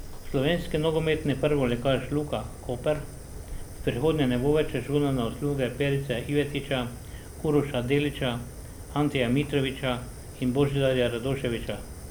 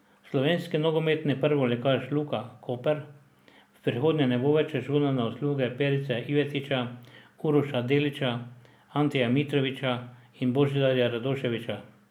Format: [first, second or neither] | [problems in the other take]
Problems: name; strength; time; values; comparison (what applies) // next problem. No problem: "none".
second | background sound (Fire); 12 dB below the speech